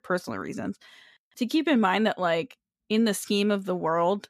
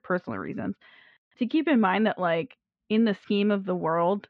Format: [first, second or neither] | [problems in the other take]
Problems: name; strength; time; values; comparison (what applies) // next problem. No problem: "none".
first | muffled; slightly; fading above 3 kHz